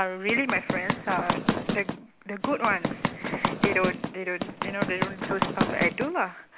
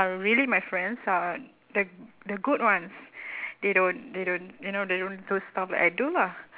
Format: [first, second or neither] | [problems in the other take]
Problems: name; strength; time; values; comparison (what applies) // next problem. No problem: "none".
second | background sound (Run); as loud as the speech